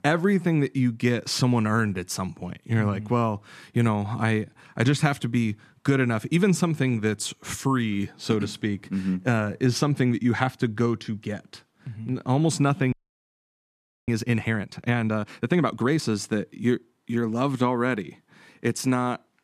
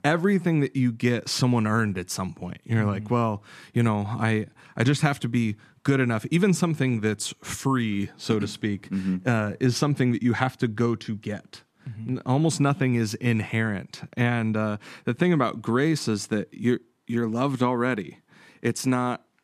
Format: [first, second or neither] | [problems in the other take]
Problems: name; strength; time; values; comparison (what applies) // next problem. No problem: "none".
second | audio freezing; at 13 s for 1 s